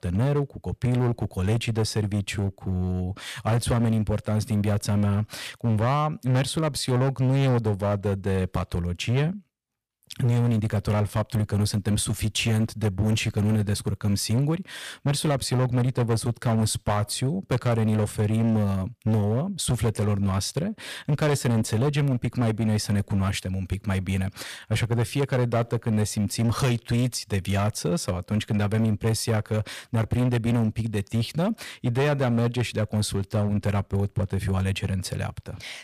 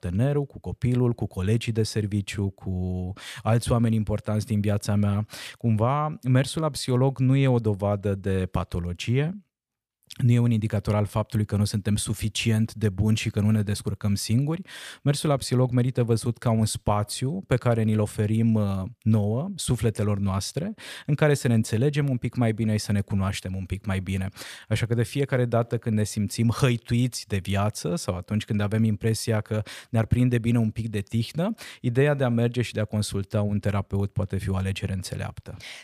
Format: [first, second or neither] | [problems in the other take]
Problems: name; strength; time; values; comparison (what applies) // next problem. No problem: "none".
second | distortion; slight; 13% of the sound clipped